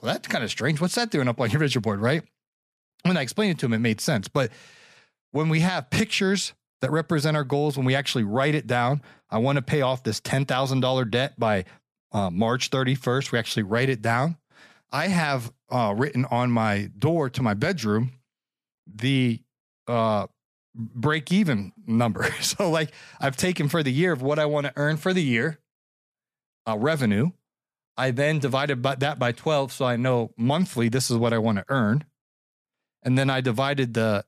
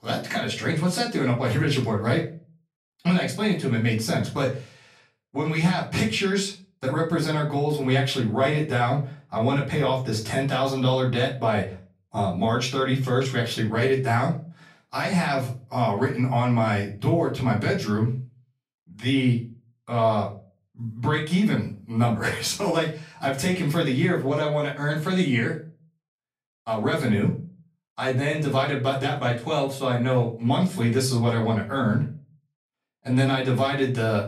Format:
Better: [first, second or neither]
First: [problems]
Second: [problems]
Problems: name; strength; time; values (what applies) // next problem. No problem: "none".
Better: first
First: none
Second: off-mic speech; far // room echo; slight; dies away in 0.3 s